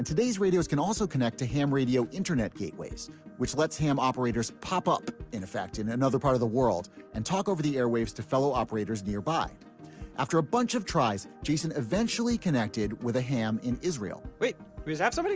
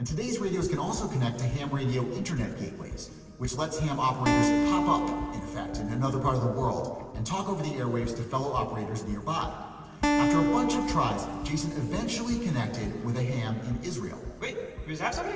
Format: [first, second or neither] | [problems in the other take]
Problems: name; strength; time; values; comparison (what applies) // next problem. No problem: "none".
first | background sound (Acoustic guitar); 1 dB below the speech // room echo; dies away in 2.5 s